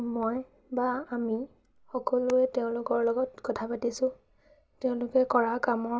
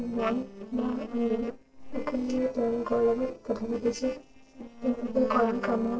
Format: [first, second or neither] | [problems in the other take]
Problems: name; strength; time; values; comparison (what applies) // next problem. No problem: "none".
first | noise reduction (neural separator model SepFormer DNS4)